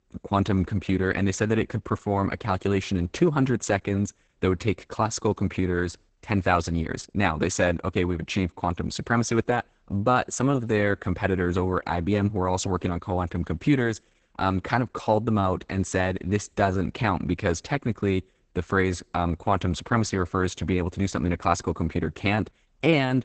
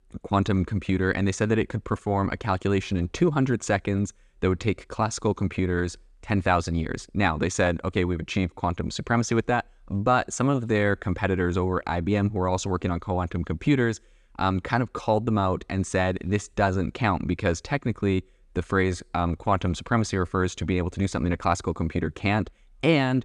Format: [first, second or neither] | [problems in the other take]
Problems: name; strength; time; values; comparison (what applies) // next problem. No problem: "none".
second | garbled, watery; badly; nothing above 8 kHz